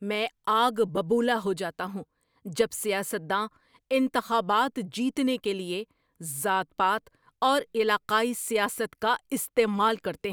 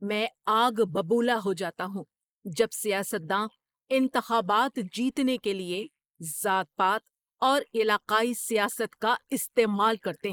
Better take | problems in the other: first | noise reduction (neural mask model Resemble Enhance denoiser)

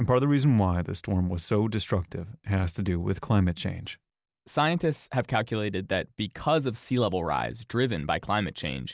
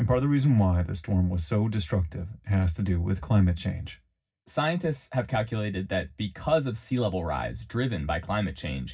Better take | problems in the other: first | room echo; dies away in 0.4 s

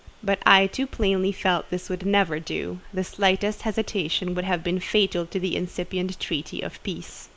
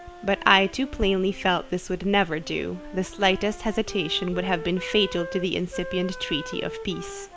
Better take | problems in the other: first | background sound (Wind instrument, woodwind instrument); 14 dB below the speech

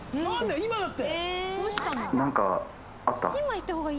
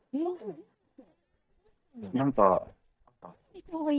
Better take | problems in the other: first | noise reduction (neural mask model DeepFilterNet 3)

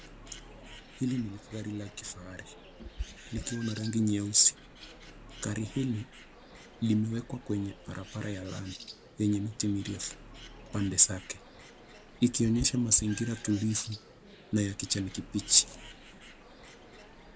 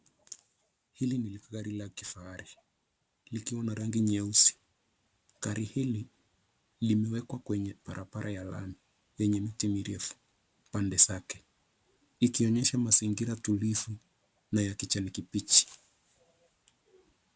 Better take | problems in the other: second | background sound (Bird + Meow); 16 dB below the speech

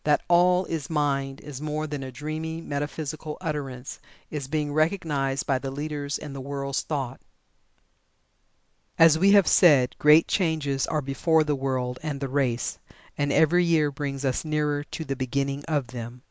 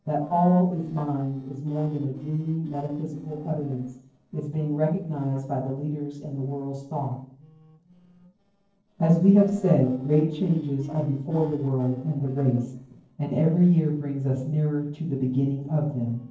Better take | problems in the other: first | noise reduction (neural separator model SepFormer DNS4)

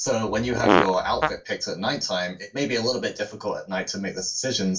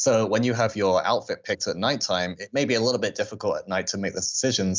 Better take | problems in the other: second | background sound (Fart); 2 dB above the speech // room echo; dies away in 0.2 s

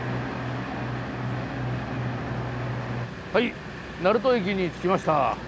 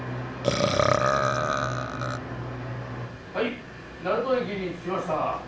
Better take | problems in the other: first | background sound (Burping, eructation); 3 dB above the speech // room echo; dies away in 0.3 s

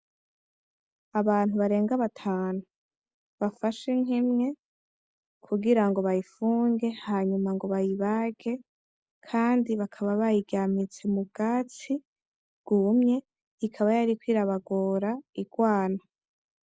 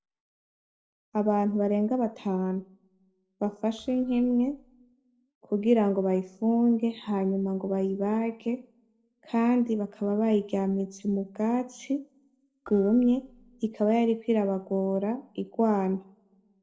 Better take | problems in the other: first | noise reduction (neural separator model SepFormer DNS4)

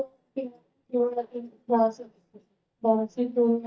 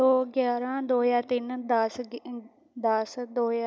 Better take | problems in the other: second | noise reduction (neural mask model DeepFilterNet 3)

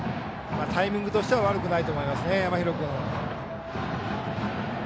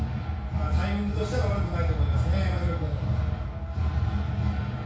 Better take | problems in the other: first | room echo; dies away in 0.6 s

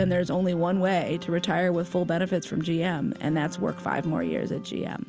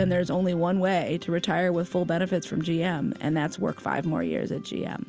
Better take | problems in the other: second | background sound (Wind instrument, woodwind instrument); 17 dB below the speech

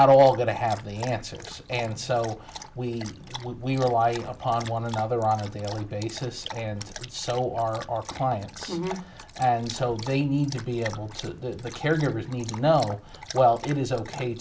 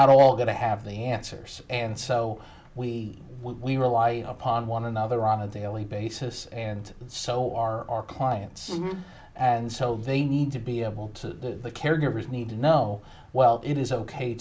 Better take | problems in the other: second | background sound (Dog); 17 dB below the speech

